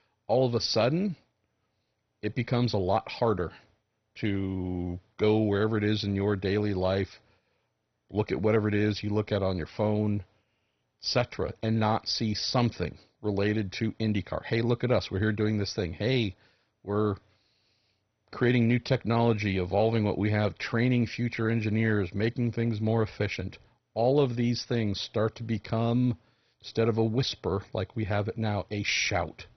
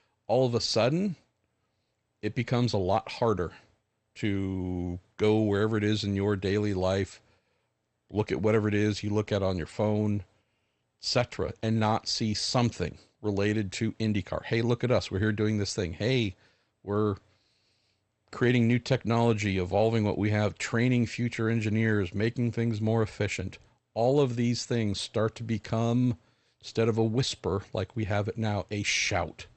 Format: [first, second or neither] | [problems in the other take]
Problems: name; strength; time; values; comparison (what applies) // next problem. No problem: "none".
second | garbled, watery; badly; nothing above 6 kHz; slightly in the second